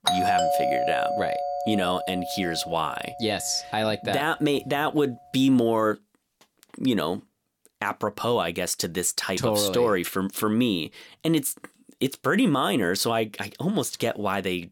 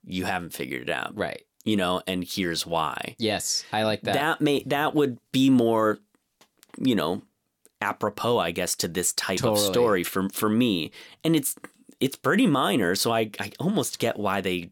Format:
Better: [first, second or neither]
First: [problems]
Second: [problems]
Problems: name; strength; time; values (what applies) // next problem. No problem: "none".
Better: second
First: doorbell; loud; until 2.5 s; peak 3 dB above the speech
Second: none